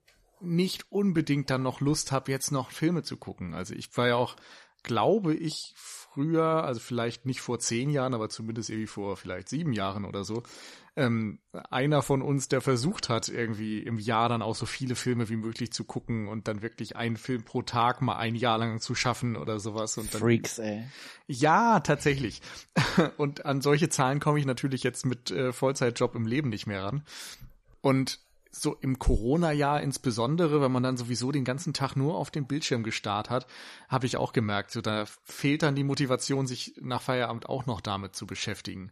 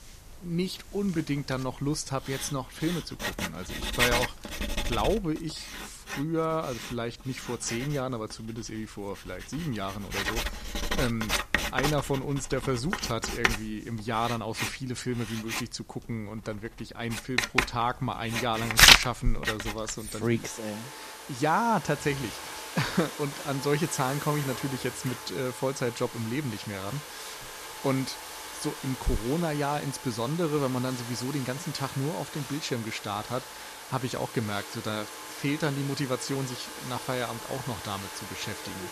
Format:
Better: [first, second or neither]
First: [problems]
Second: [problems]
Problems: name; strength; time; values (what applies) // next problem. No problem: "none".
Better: first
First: none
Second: household noises; very loud; throughout; 1 dB above the speech